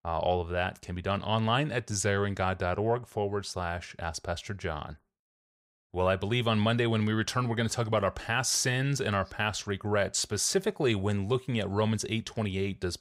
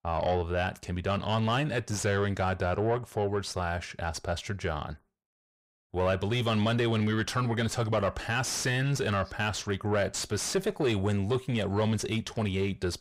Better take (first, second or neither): first